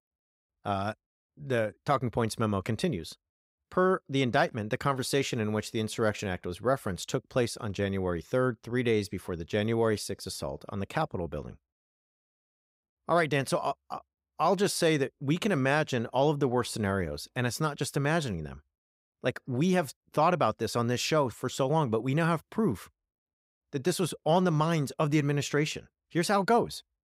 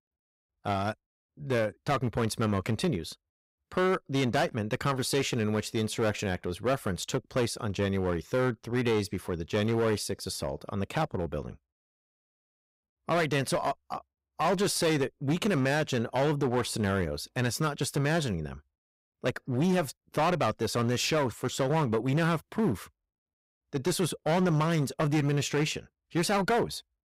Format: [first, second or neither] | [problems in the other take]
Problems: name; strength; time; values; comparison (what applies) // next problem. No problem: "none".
first | distortion; slight; 9% of the sound clipped